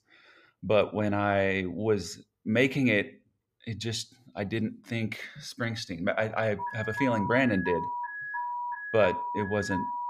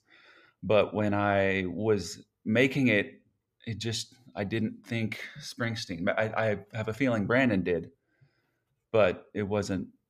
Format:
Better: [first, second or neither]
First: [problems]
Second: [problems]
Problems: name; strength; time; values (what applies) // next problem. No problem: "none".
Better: second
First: alarm; noticeable; from 6.5 s on; peak 4 dB below the speech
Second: none